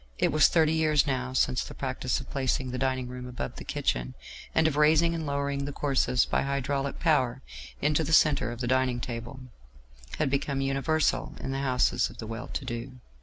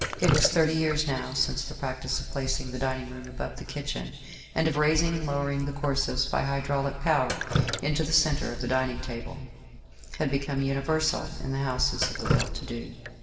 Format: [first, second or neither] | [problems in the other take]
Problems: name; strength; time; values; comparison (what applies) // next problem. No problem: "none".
first | background sound (Drip); 7 dB below the speech // room echo; dies away in 2.2 s